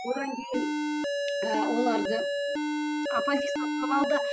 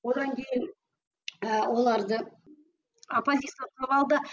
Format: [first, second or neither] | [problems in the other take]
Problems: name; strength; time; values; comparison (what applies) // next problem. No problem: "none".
second | noise reduction (classical method Wiener filter)